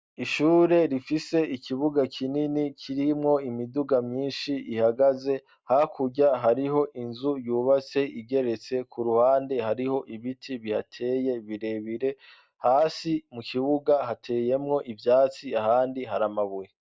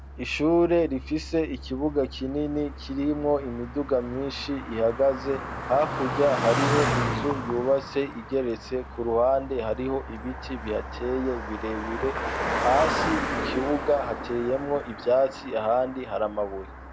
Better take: first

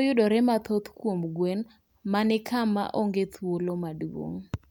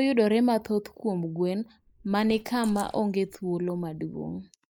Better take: first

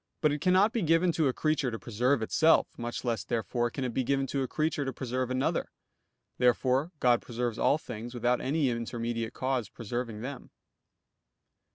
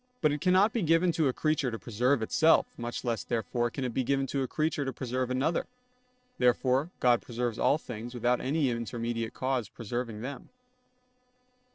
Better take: first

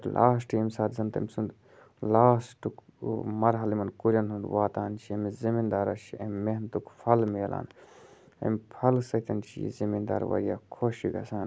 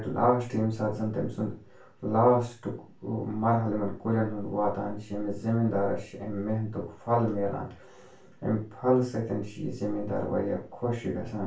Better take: first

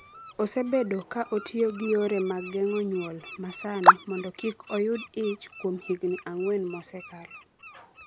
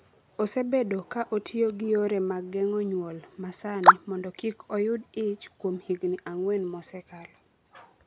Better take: second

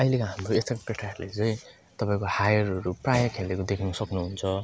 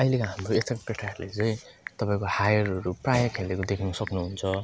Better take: first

